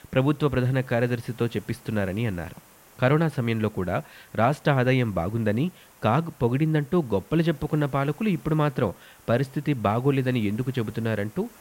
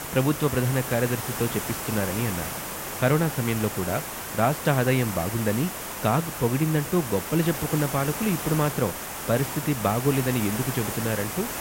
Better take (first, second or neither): first